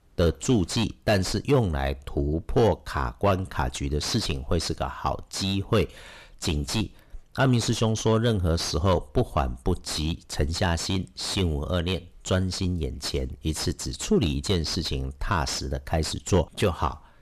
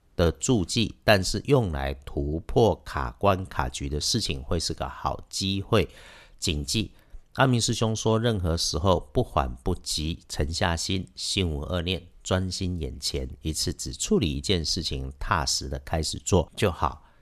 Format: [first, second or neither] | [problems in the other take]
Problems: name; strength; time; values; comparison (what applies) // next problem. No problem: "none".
second | distortion; slight; 10 dB below the speech